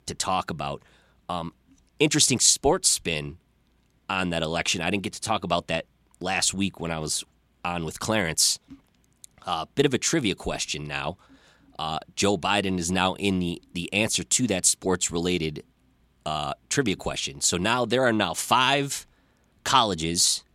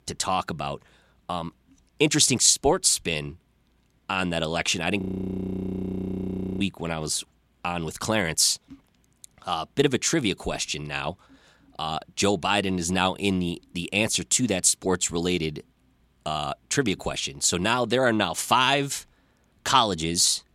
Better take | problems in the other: first | audio freezing; at 5 s for 1.5 s

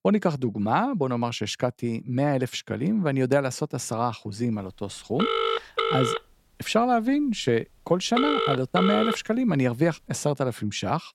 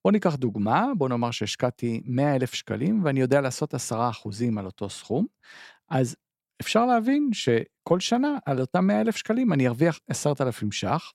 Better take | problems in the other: second | phone ringing; loud; from 5 to 9 s; peak 2 dB above the speech

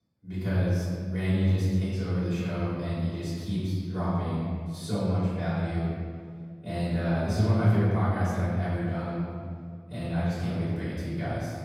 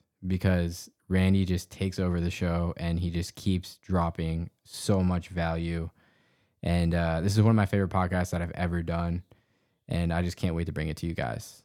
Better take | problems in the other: second | room echo; strong; dies away in 2 s // off-mic speech; far

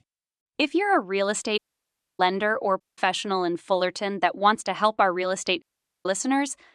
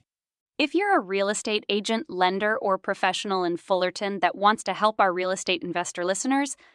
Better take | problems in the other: second | audio cutting out; at 1.5 s for 0.5 s, at 3 s and at 5.5 s

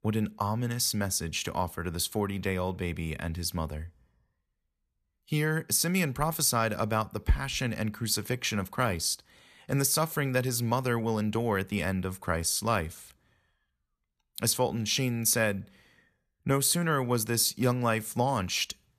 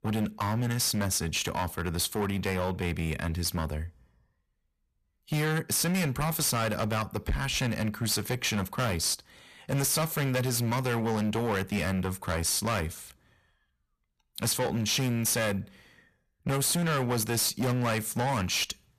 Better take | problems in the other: first | distortion; heavy; 17% of the sound clipped

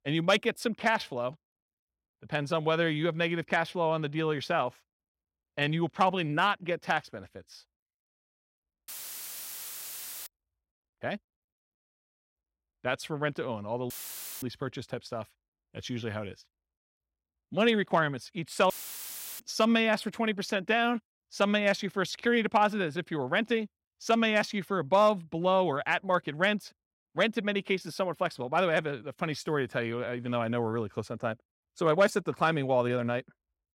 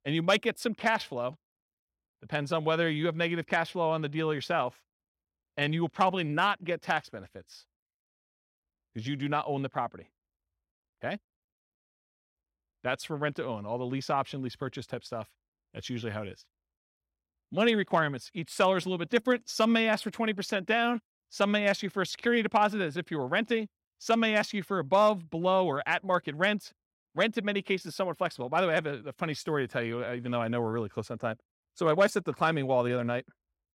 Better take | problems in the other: second | audio cutting out; filled with static; at 9 s for 1.5 s, at 14 s for 0.5 s and at 19 s for 0.5 s

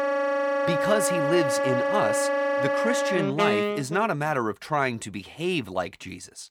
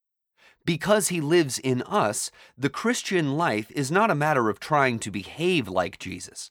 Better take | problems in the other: second | background music; very loud; until 3.5 s; 3 dB above the speech

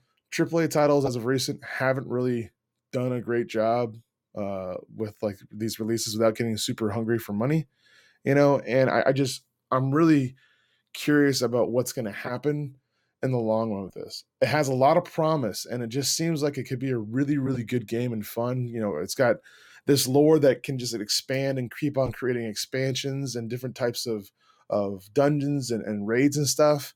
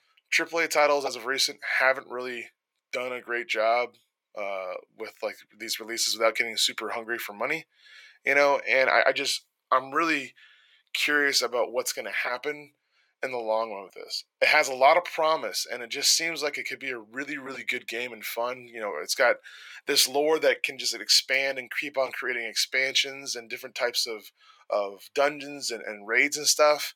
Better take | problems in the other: first | thin; very; fading below 750 Hz

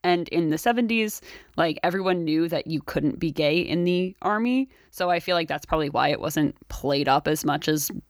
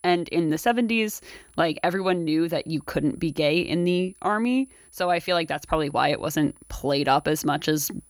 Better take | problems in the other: first | high-pitched whine; faint; throughout; 10 kHz, 30 dB below the speech

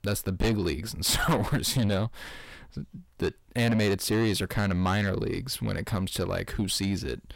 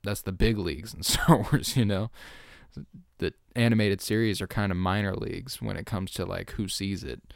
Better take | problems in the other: second | distortion; heavy; 6 dB below the speech

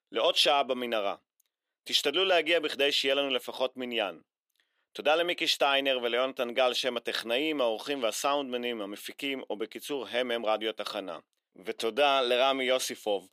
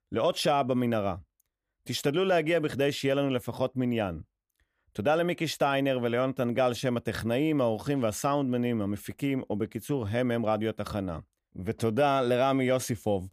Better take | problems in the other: second | thin; somewhat; fading below 350 Hz

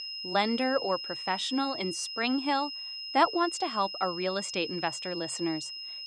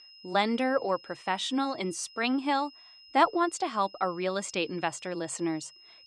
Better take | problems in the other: second | high-pitched whine; loud; throughout; 5 kHz, 6 dB below the speech; faint in the second

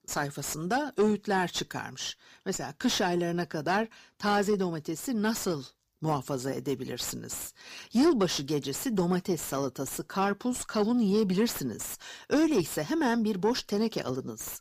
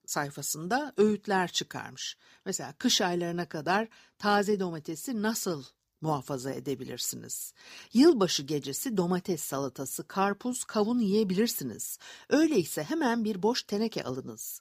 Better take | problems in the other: second | distortion; slight; 10 dB below the speech

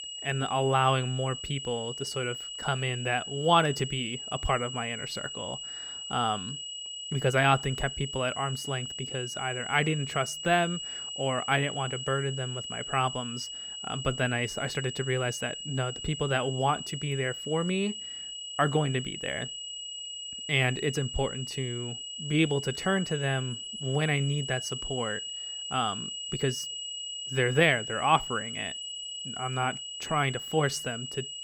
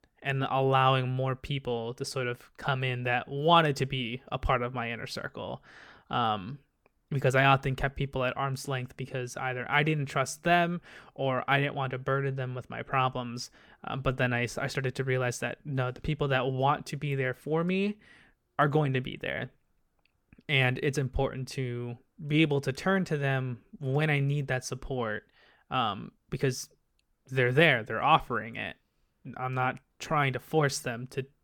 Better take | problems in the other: second | high-pitched whine; loud; throughout; 3 kHz, 6 dB below the speech

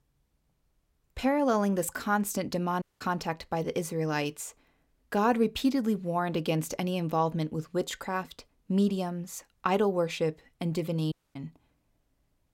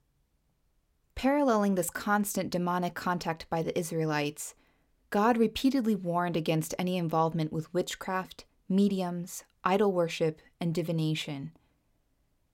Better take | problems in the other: second | audio cutting out; at 3 s and at 11 s

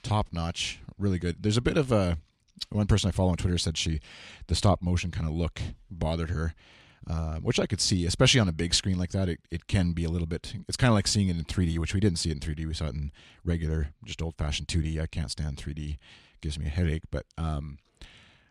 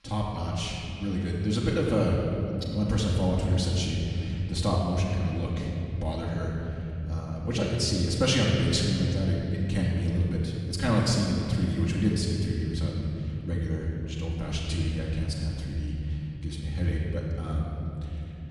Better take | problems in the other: first | off-mic speech; far // room echo; noticeable; dies away in 3 s

